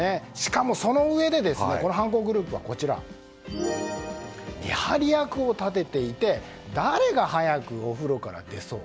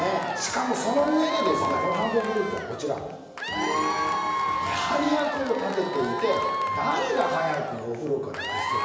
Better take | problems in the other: first | background sound (Applause / Crowd / Cheering); 2 dB below the speech // room echo; dies away in 1 s

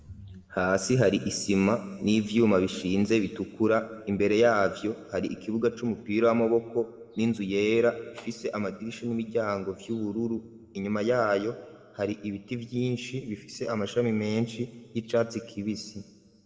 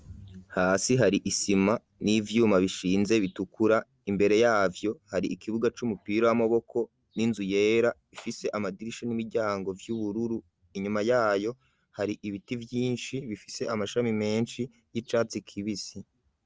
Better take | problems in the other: second | room echo; dies away in 1.5 s

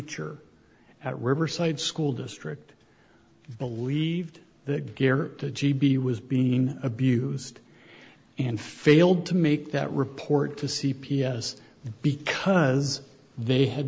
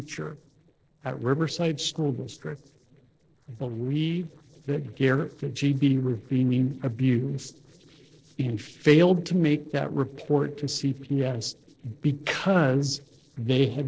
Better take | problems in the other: first | noise reduction (neural separator model SepFormer DNS4)

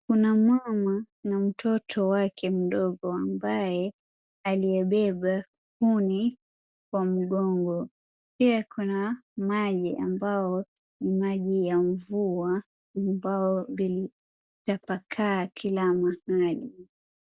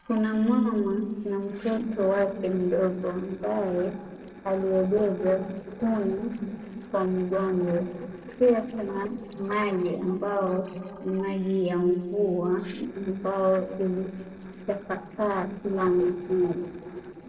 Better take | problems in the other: first | noise reduction (neural separator model SepFormer DNS4)

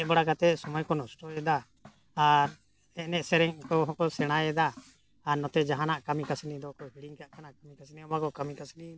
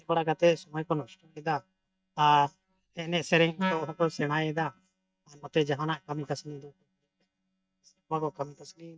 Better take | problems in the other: first | noise reduction (neural mask model DeepFilterNet 3)

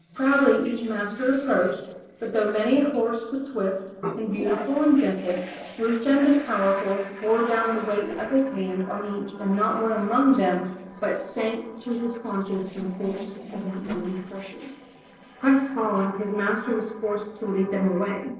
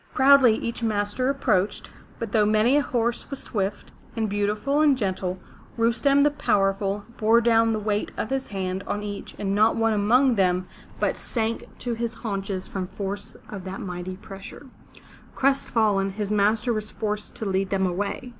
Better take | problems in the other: second | noise reduction (neural separator model SepFormer DNS4)

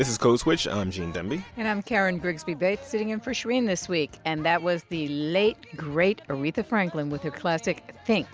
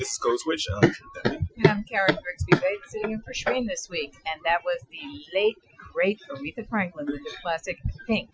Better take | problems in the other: first | noise reduction (classical method Wiener filter)

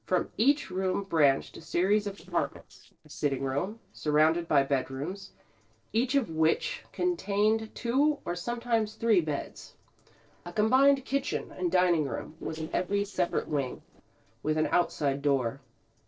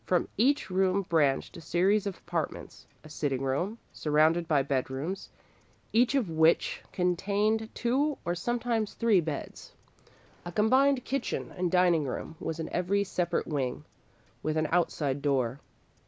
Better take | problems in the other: second | noise reduction (neural separator model SepFormer DNS4)

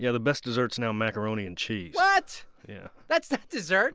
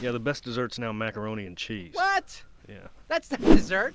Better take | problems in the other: first | background sound (Whoosh, swoosh, swish); 3 dB above the speech

